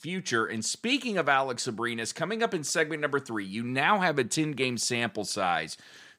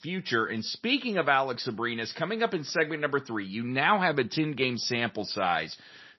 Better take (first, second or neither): first